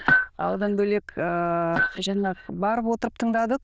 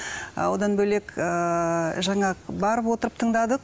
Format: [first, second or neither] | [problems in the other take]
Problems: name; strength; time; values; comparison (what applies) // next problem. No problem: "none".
second | noise reduction (neural diffusion model UNIVERSE++)